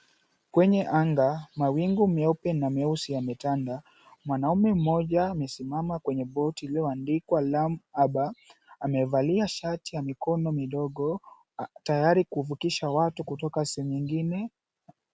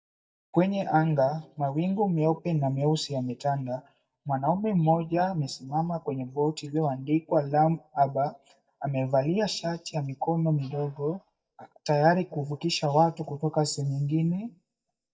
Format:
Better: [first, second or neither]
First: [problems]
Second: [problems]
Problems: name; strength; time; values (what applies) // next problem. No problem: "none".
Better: first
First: none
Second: noise reduction (neural mask model DeepFilterNet 3)